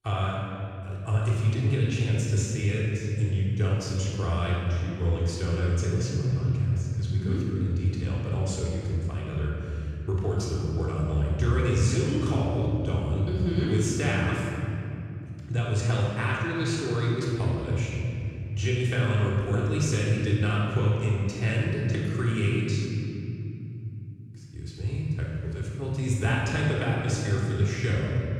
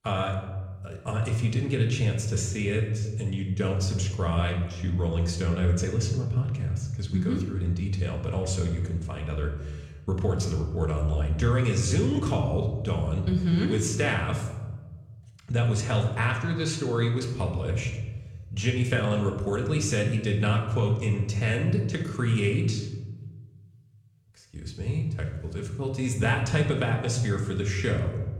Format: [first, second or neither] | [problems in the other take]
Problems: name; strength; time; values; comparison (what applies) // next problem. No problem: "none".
second | room echo; strong; dies away in 3 s; slight in the second // off-mic speech; far; somewhat distant in the second